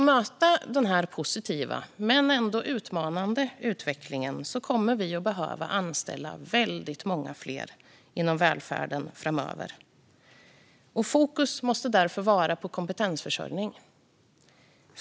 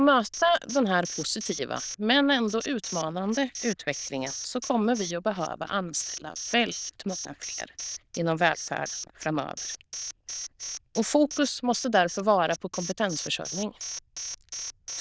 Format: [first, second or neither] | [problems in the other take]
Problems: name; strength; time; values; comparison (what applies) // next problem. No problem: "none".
first | noise reduction (neural diffusion model UNIVERSE++)